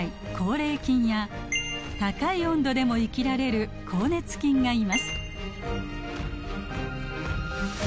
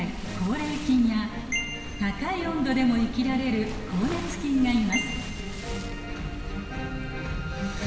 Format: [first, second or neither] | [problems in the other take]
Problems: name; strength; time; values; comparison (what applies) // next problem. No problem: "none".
first | background sound (Waves, surf); 13 dB below the speech // room echo; dies away in 2.1 s